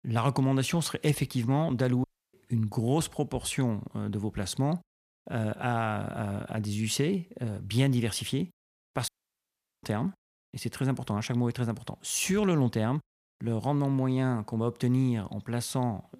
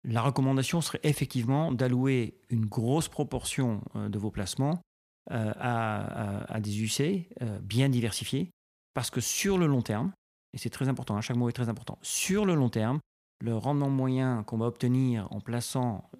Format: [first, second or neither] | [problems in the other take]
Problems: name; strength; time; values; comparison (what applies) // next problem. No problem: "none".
second | audio cutting out; at 2 s and at 9 s for 1 s